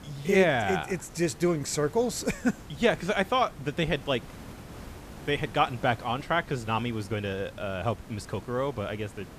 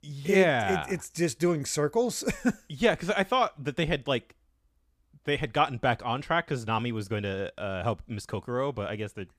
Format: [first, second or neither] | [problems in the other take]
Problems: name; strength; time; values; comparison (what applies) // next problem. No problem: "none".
second | hiss; noticeable; throughout; 20 dB below the speech